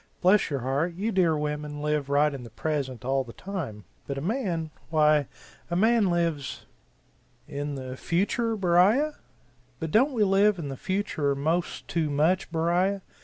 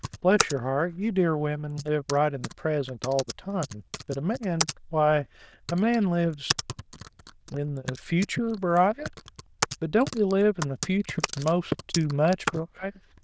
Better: first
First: none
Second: noise reduction (neural diffusion model UNIVERSE++)

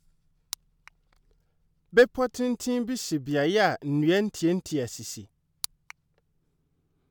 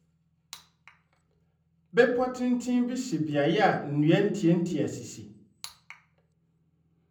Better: first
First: none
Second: room echo; dies away in 0.6 s

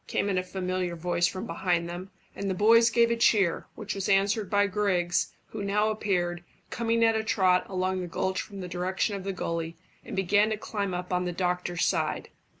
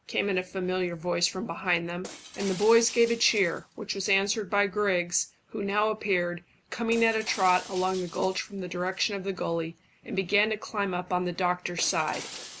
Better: first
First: none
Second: background sound (Shatter); 19 dB below the speech

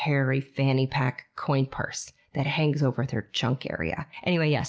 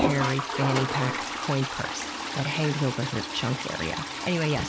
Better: first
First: none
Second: background sound (Toilet flush); 2 dB below the speech

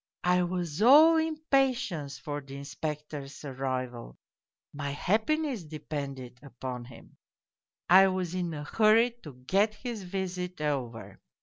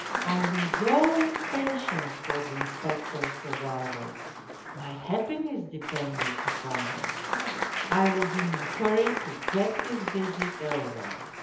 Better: first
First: none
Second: background sound (Applause / Crowd); 3 dB below the speech // room echo; dies away in 0.8 s

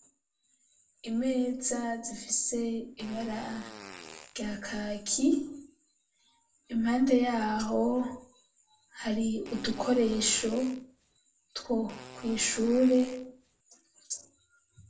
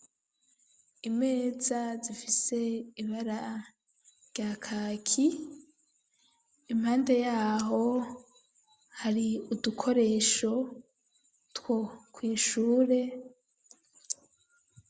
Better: second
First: background sound (Fart); 17 dB below the speech // room echo; dies away in 0.3 s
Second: none

